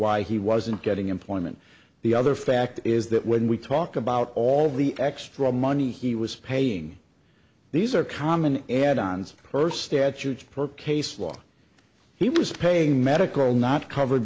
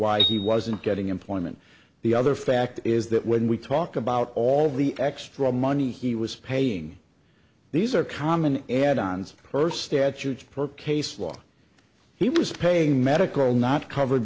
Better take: first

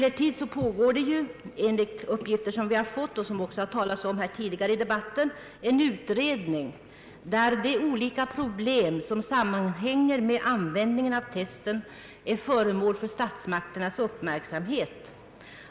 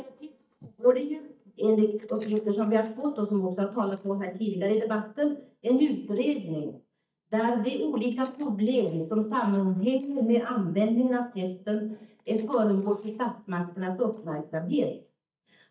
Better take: first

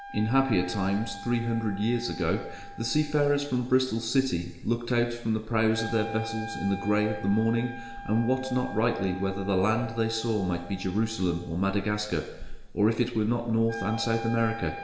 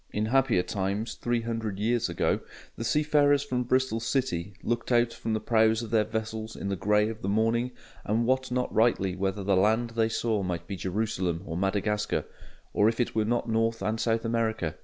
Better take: second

